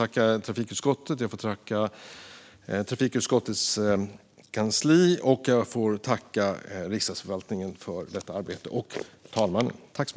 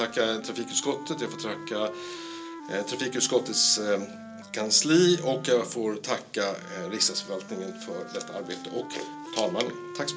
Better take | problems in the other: first | background sound (Wind instrument, woodwind instrument); 13 dB below the speech // room echo; dies away in 0.2 s

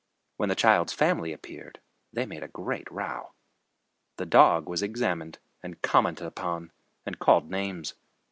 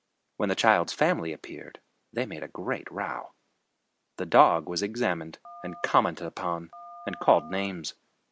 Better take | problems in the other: first | background sound (Telephone); 19 dB below the speech

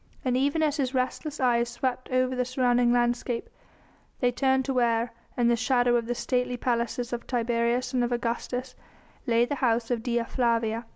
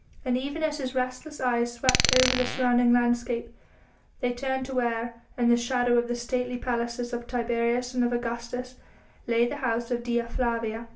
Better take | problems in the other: first | background sound (Glass); 1 dB below the speech // room echo; dies away in 0.3 s

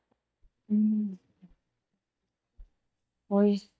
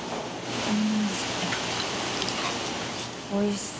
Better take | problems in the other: second | noise reduction (neural mask model DeepFilterNet 3)

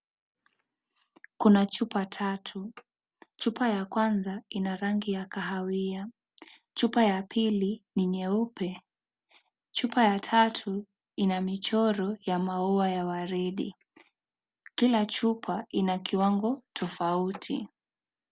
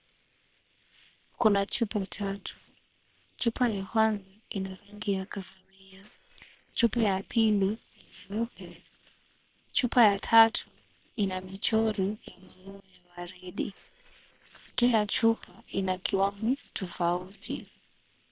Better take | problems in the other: first | noise reduction (neural separator model SepFormer WHAM!)

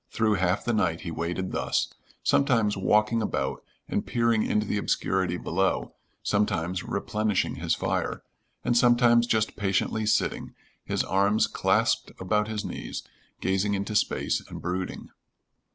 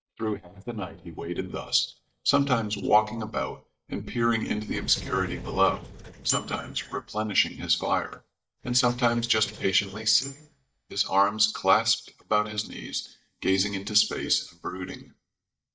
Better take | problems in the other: first | noise reduction (neural mask model DeepFilterNet 3)

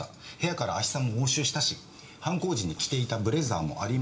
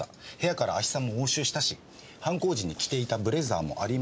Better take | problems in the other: second | room echo; dies away in 0.5 s

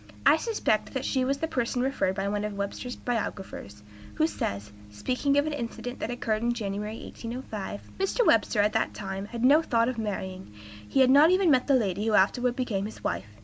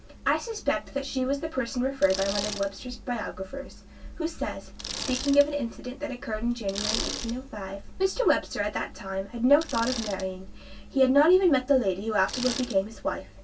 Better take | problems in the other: first | background sound (Bicycle); 13 dB below the speech // room echo; dies away in 0.1 s

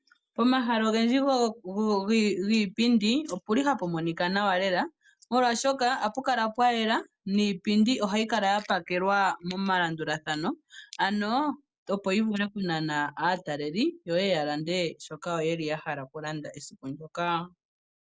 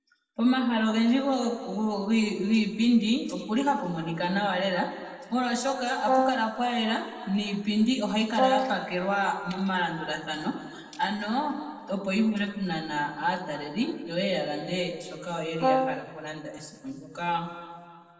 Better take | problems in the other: first | noise reduction (neural separator model SepFormer DNS4)

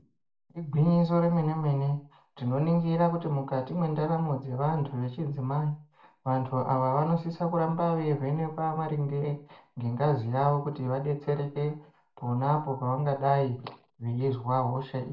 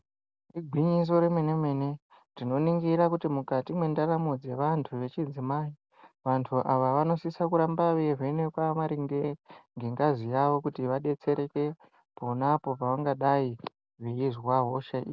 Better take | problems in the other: second | room echo; dies away in 0.4 s

